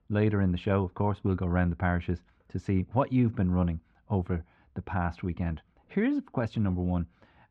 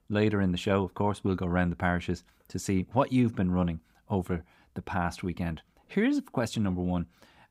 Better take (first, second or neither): second